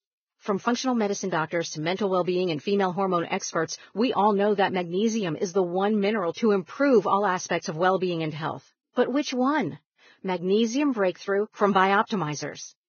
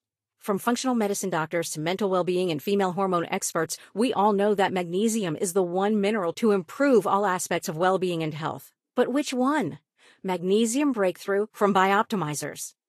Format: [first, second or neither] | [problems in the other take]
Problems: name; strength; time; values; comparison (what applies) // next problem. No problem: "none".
second | garbled, watery; badly; nothing above 6.5 kHz; slightly in the second